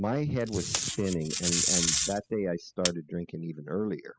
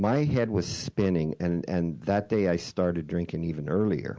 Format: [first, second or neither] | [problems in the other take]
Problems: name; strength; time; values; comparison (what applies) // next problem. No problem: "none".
second | noise reduction (classical method spectral subtraction)